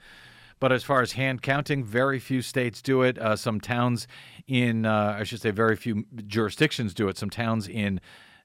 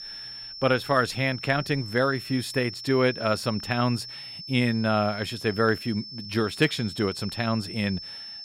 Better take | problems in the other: first | high-pitched whine; noticeable; throughout; 5.5 kHz, 10 dB below the speech

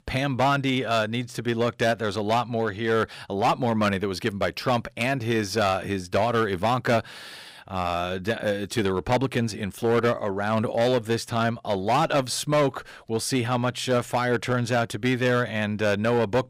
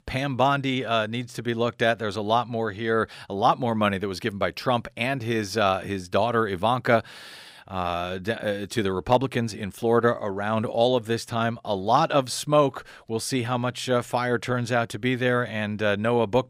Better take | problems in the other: second | distortion; slight; 6% of the sound clipped

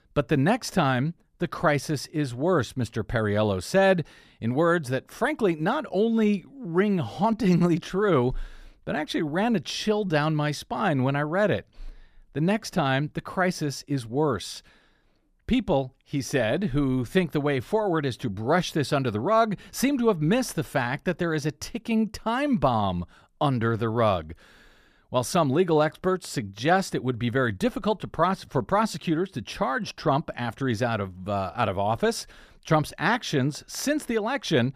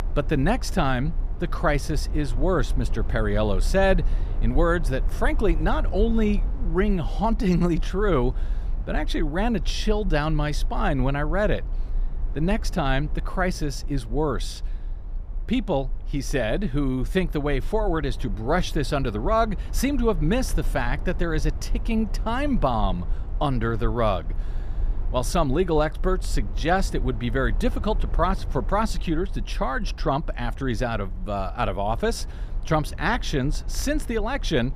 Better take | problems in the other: first | low rumble; faint; throughout; 20 dB below the speech

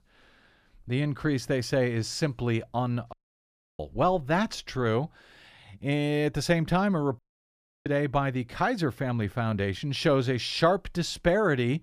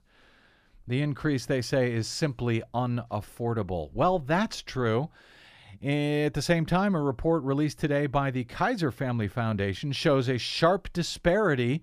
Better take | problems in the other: second | audio cutting out; at 3 s for 0.5 s and at 7 s for 0.5 s

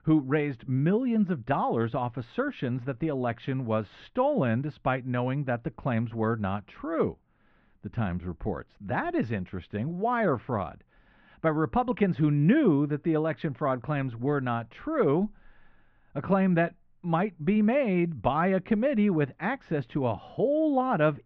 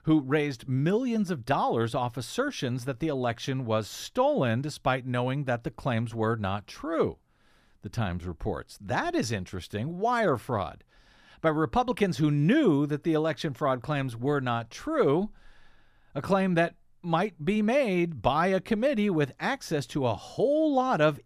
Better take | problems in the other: second | muffled; very; fading above 2.5 kHz

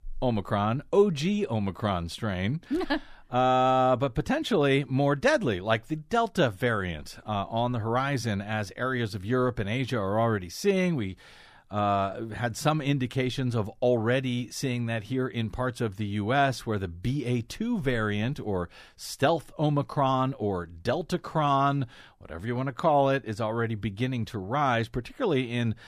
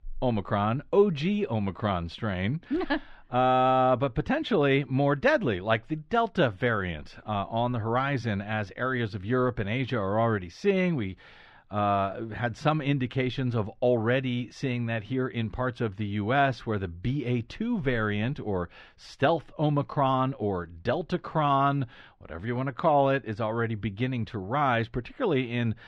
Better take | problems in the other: first | muffled; slightly; fading above 3 kHz

